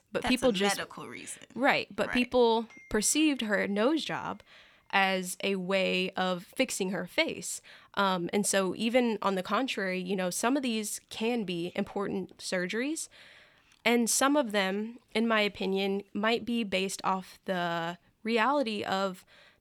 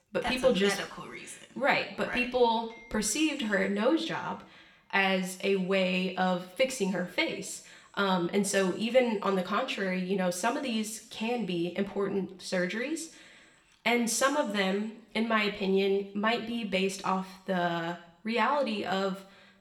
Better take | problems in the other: first | room echo; very slight; dies away in 0.6 s

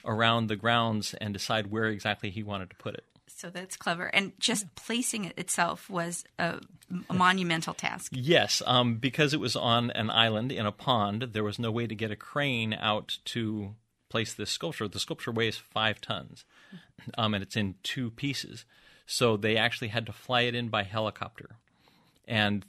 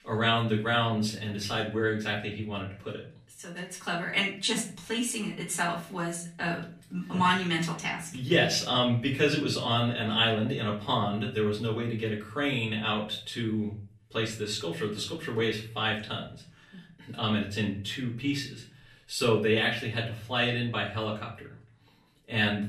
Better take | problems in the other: first | room echo; slight; dies away in 0.4 s // off-mic speech; far

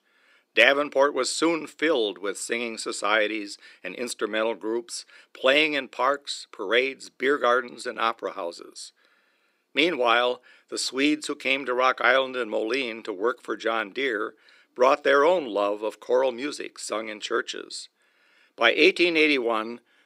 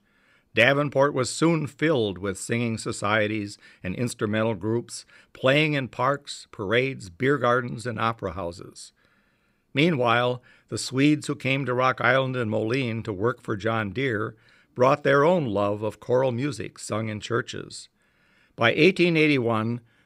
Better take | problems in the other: second | thin; somewhat; fading below 300 Hz

